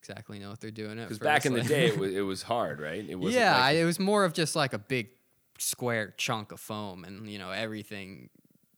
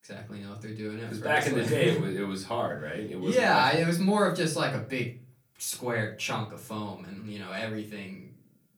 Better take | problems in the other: first | off-mic speech; far // room echo; very slight; dies away in 0.3 s

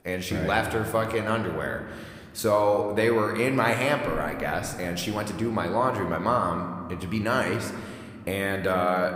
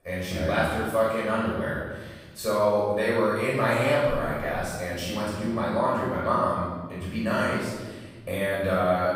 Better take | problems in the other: first | room echo; strong; dies away in 1.3 s; slight in the first // off-mic speech; far

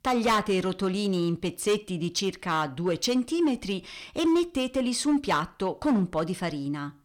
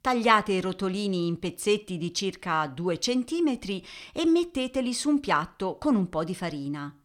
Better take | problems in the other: second | distortion; slight; 6% of the sound clipped

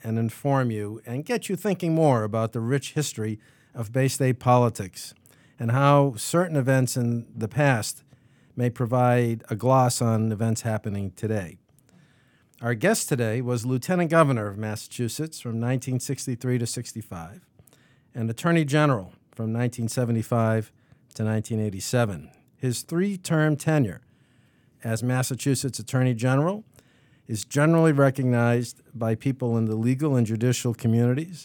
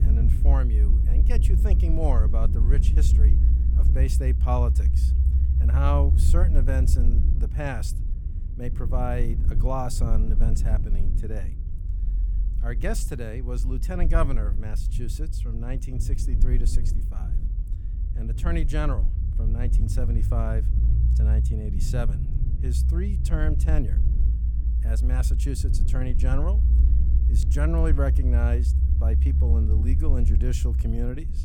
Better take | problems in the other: first | low rumble; loud; throughout; 7 dB below the speech

